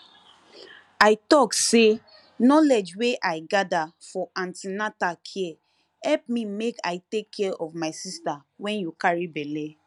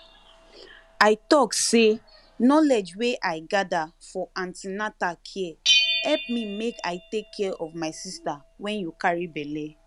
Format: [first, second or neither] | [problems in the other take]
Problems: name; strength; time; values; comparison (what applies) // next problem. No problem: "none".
first | background sound (Bell); 8 dB below the speech